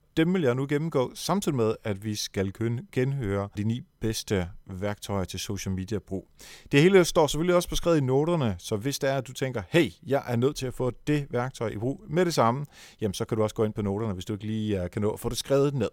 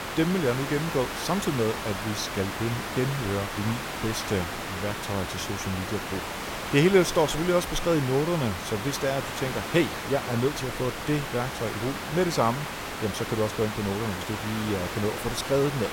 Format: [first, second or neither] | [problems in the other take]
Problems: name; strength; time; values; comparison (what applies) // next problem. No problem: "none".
first | hiss; loud; throughout; 5 dB below the speech